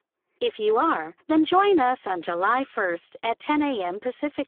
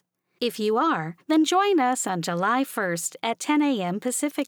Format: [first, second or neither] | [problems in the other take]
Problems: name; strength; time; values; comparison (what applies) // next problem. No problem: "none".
second | phone-call audio; poor line; nothing above 3.5 kHz